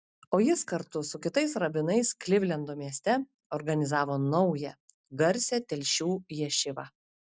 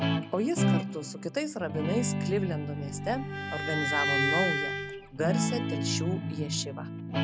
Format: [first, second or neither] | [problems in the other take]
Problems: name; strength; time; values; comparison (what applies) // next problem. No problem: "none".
first | background sound (Guitar + Bowed string instrument); 3 dB above the speech